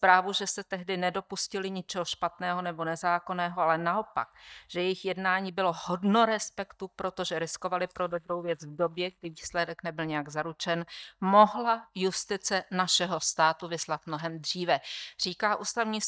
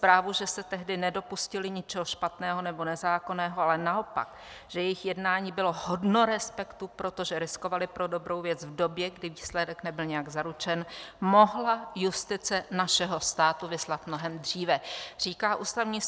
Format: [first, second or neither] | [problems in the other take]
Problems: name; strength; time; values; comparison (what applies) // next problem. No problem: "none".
second | noise reduction (neural mask model DeepFilterNet 3)